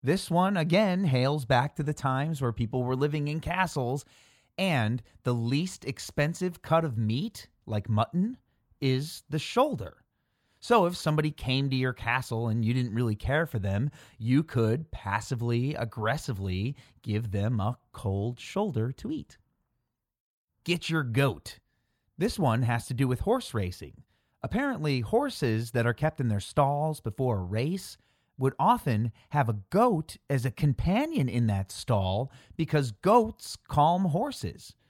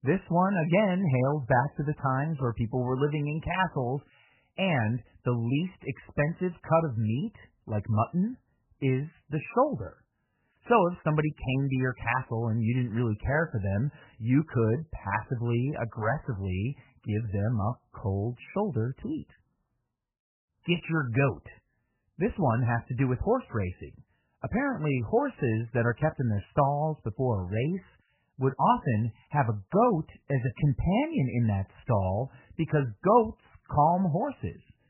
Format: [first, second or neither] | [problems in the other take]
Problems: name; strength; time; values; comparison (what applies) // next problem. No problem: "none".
first | garbled, watery; badly; nothing above 3 kHz